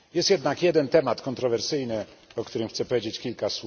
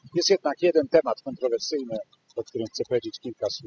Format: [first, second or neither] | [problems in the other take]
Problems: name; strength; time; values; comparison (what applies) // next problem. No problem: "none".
first | noise reduction (classical method spectral subtraction)